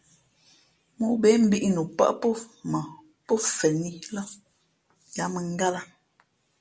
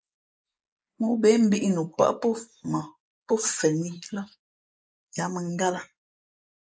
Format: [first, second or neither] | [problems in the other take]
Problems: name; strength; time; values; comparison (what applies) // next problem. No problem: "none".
first | noise reduction (neural mask model Resemble Enhance denoiser)